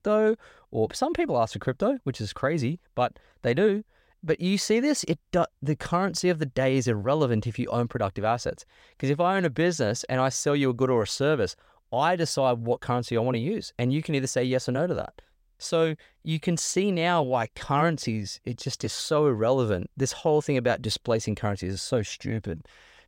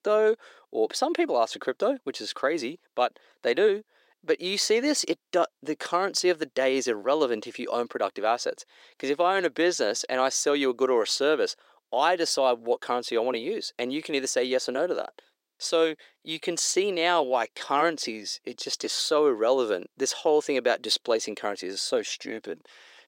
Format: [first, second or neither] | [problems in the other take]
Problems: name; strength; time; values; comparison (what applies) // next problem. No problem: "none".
first | thin; somewhat; fading below 300 Hz